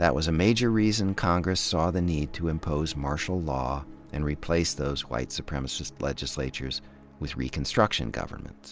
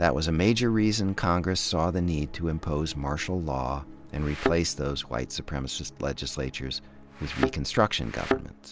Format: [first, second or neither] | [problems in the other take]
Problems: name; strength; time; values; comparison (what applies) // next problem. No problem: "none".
first | background sound (Thump, thud); 4 dB below the speech